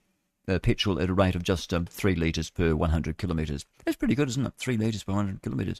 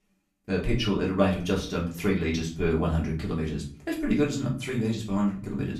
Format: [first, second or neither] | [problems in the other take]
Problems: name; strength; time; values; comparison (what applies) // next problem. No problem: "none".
first | room echo; slight; dies away in 0.4 s // off-mic speech; far